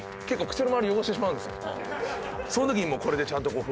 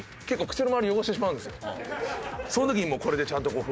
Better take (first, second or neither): second